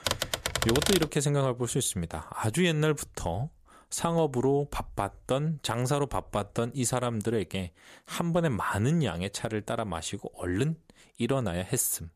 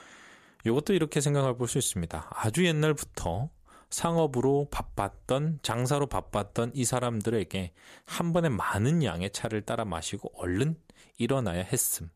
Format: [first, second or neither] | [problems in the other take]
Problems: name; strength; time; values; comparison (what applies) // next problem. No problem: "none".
second | keyboard typing; loud; until 1 s; peak 2 dB above the speech